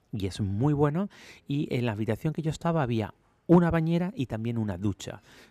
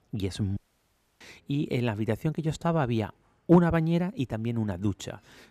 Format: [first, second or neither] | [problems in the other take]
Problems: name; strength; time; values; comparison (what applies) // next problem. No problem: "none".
first | audio cutting out; at 0.5 s for 0.5 s